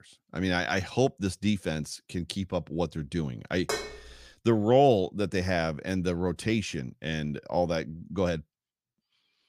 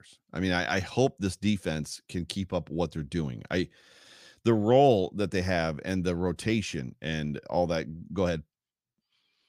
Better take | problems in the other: second | clattering dishes; noticeable; at 3.5 s; peak 4 dB below the speech

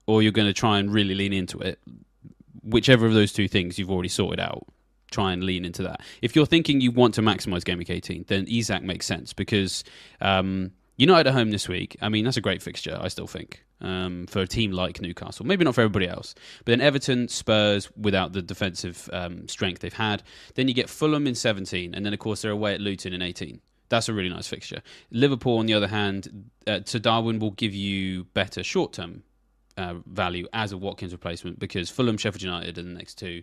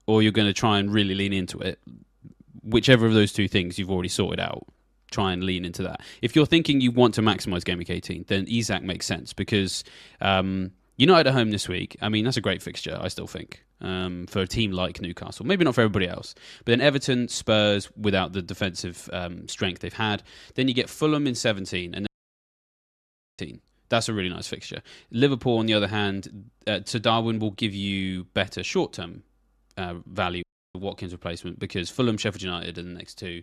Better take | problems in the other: first | audio cutting out; at 22 s for 1.5 s and at 30 s

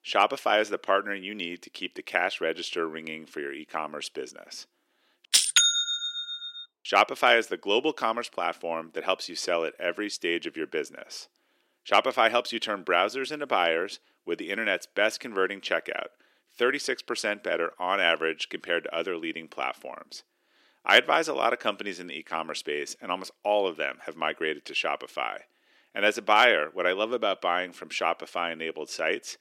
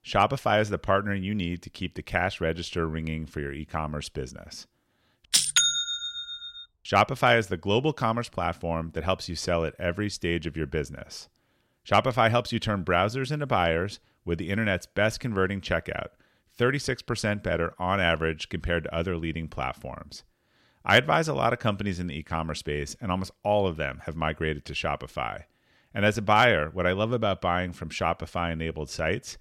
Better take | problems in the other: second | thin; somewhat; fading below 300 Hz

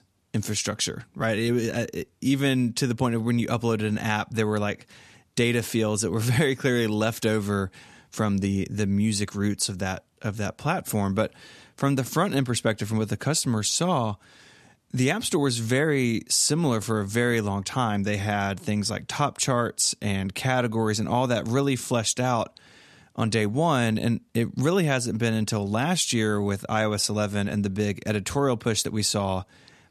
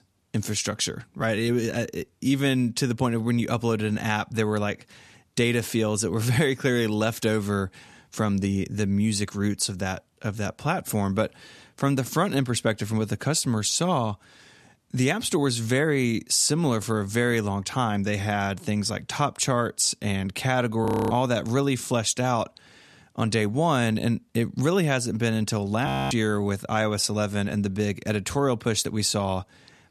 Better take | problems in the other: first | audio freezing; at 21 s and at 26 s

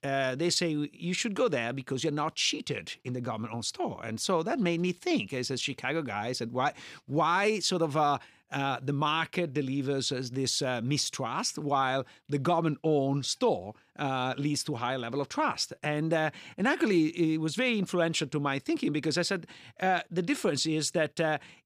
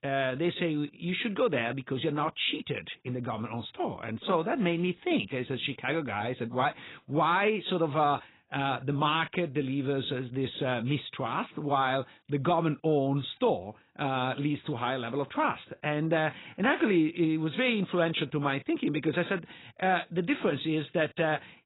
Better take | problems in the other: first | garbled, watery; badly; nothing above 4 kHz

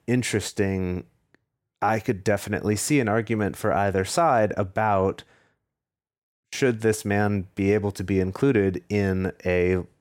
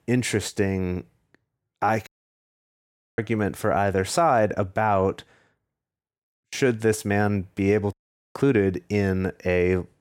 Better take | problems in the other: first | audio cutting out; at 2 s for 1 s and at 8 s

